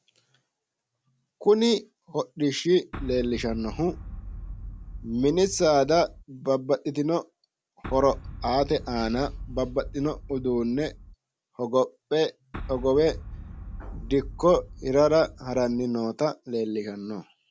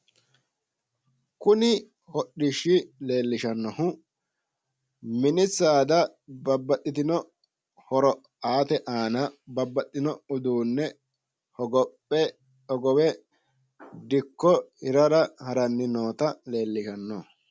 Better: second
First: background sound (Boom); 12 dB below the speech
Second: none

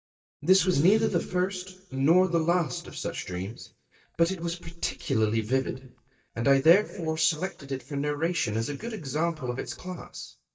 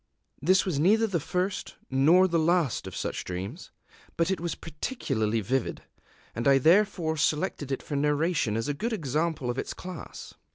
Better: second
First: noise reduction (neural mask model DeepFilterNet 3)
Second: none

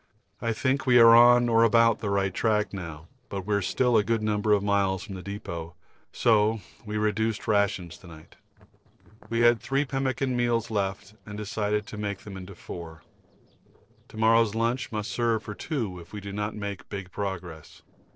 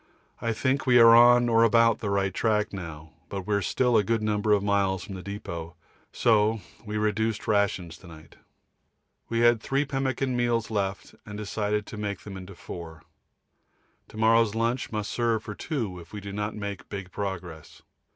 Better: second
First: noise reduction (neural separator model SepFormer DNS4)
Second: none

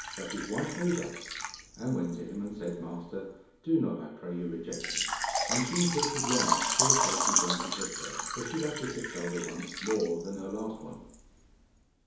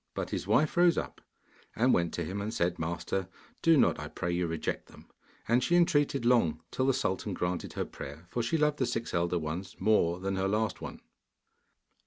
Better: second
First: background sound (Water / Liquid); 1 dB above the speech // room echo; dies away in 2.2 s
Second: none

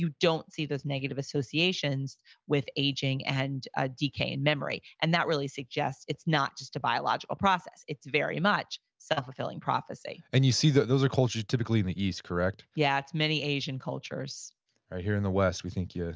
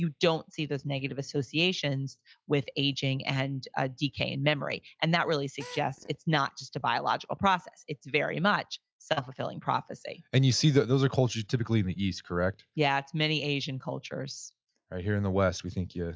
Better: first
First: none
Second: noise reduction (classical method log-MMSE)

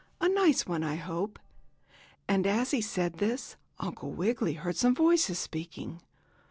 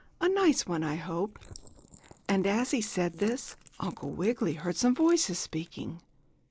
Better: first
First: none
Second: noise reduction (neural mask model Resemble Enhance denoiser)

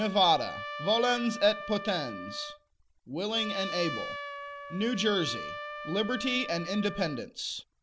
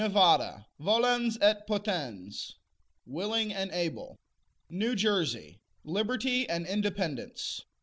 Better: second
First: background sound (Trumpet); 10 dB below the speech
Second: none

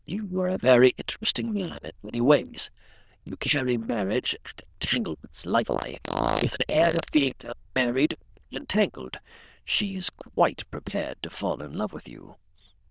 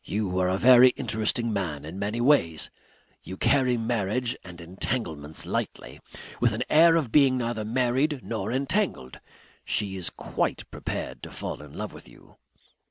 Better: second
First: noise reduction (neural diffusion model UNIVERSE++)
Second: none

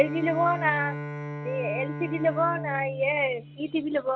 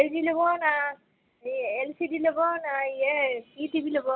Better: second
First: background sound (Bowed string instrument); 8 dB below the speech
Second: none

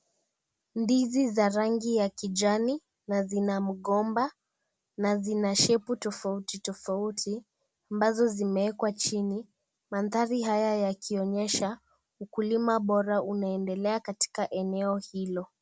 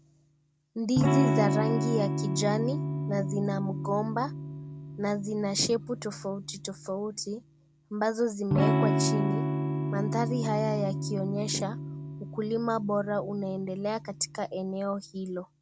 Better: first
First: none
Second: background sound (Electric guitar / Strum); as loud as the speech

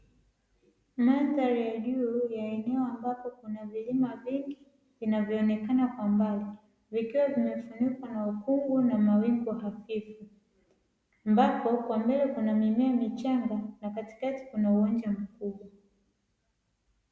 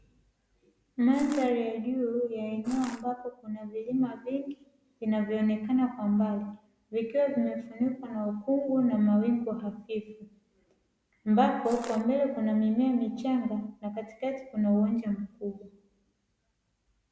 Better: first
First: none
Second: background sound (Crushing); 15 dB below the speech

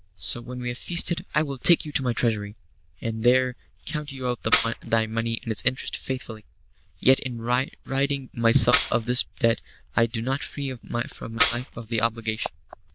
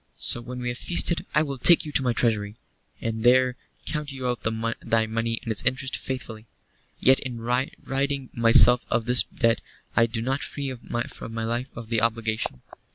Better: second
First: noise reduction (neural diffusion model UNIVERSE++)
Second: none

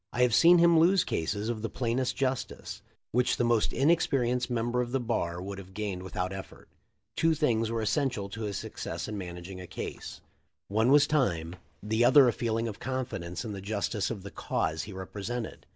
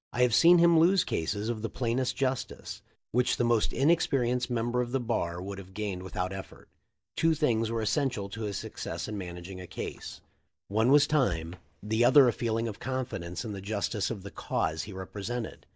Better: first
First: none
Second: noise reduction (neural mask model DeepFilterNet 3)

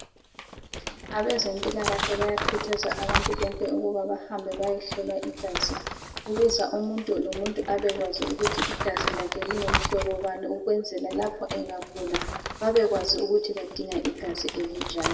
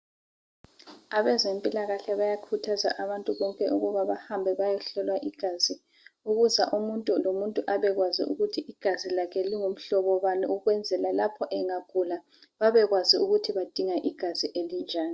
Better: second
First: background sound (Crumpling, crinkling); 5 dB below the speech // room echo; dies away in 0.8 s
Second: none

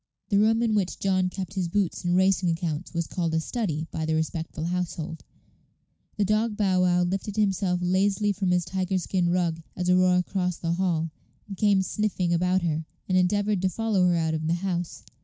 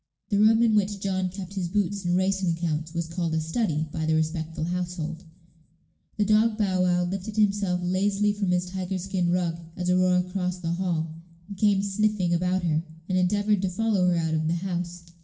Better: first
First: none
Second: room echo; dies away in 0.7 s

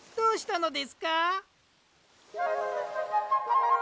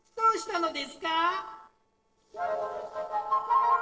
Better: first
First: none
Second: noise reduction (neural separator model SepFormer DNS4)

